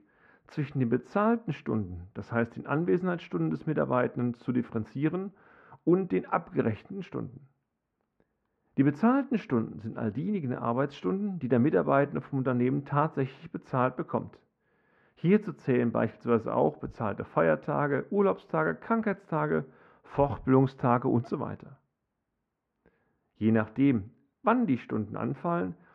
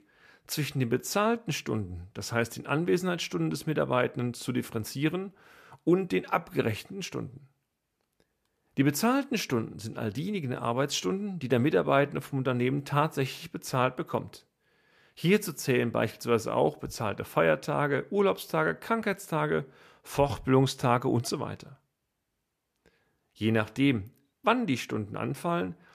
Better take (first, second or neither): second